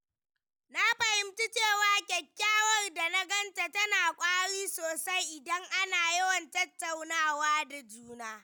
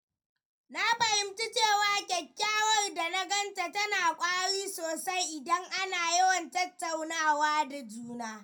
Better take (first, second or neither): first